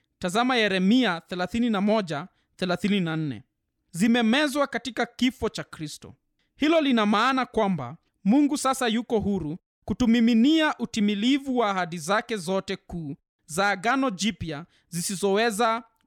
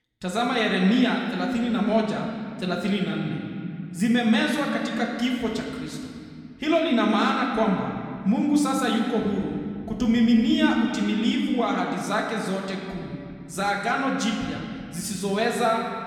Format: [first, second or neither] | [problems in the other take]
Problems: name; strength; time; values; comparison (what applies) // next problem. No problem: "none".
first | room echo; noticeable; dies away in 2.3 s // off-mic speech; far